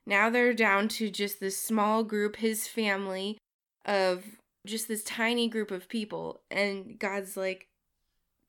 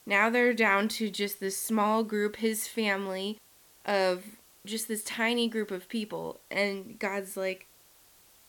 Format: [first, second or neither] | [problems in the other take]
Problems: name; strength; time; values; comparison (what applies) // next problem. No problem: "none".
first | hiss; faint; throughout; 25 dB below the speech